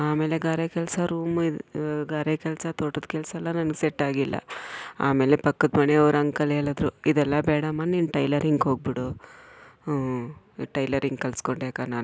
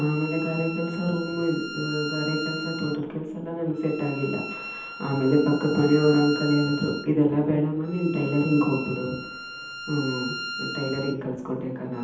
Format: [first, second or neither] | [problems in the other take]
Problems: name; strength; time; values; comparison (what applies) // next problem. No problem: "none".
first | background sound (Bowed string instrument); 11 dB below the speech // room echo; dies away in 0.8 s